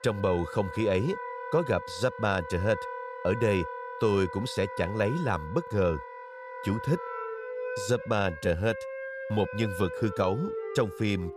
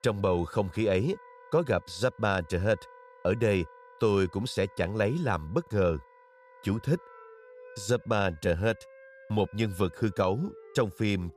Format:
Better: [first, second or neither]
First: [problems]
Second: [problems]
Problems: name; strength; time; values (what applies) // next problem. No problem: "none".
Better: second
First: background music; loud; throughout; 9 dB below the speech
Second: background music; faint; throughout; 25 dB below the speech